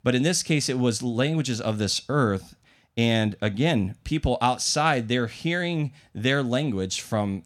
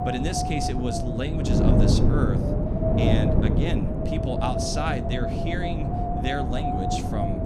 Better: first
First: none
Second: wind noise on the microphone; heavy; 3 dB above the speech

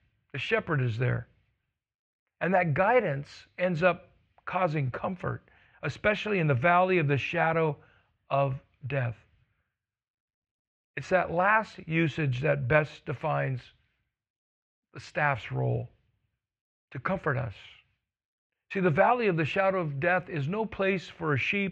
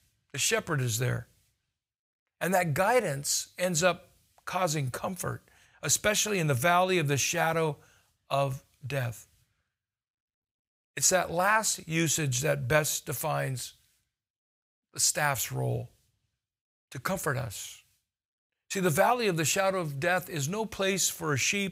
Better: second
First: muffled; very; fading above 2.5 kHz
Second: none

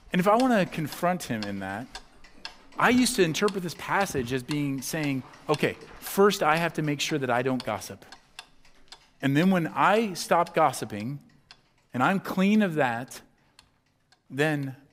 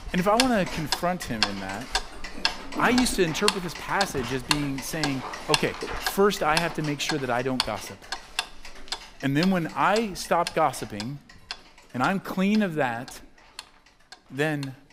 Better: first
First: household noises; faint; throughout; 20 dB below the speech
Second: household noises; loud; throughout; 4 dB below the speech

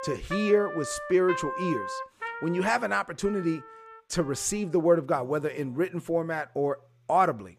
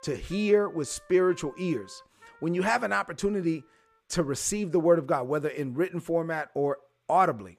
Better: second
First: background music; loud; throughout; 9 dB below the speech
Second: background music; faint; throughout; 30 dB below the speech

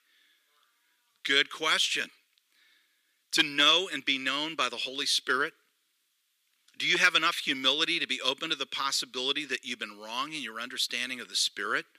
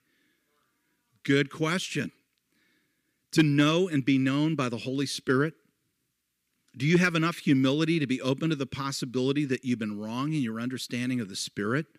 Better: second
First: thin; very; fading below 750 Hz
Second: none

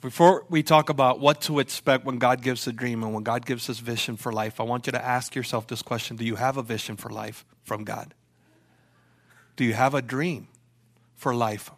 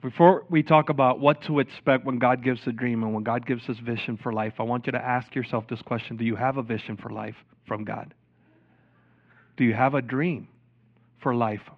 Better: first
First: none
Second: muffled; very; fading above 2.5 kHz

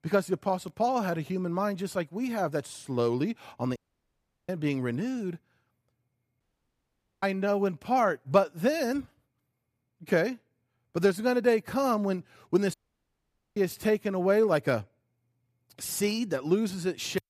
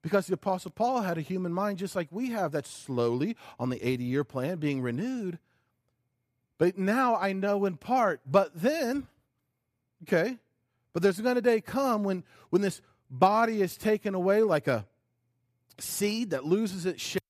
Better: second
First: audio cutting out; at 4 s for 0.5 s, at 6.5 s for 1 s and at 13 s for 1 s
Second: none

